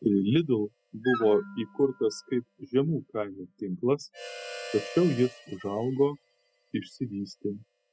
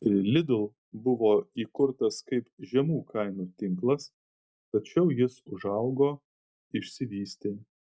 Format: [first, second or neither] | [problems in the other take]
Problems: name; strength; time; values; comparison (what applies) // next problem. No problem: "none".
second | noise reduction (classical method spectral subtraction)